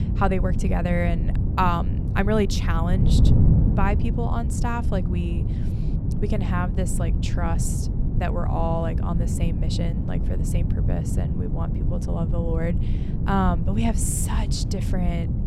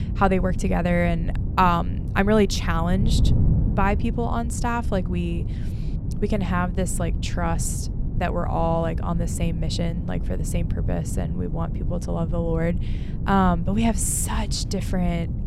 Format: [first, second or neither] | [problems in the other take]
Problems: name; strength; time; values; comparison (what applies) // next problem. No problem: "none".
second | wind noise on the microphone; heavy; 7 dB below the speech; occasional gusts in the second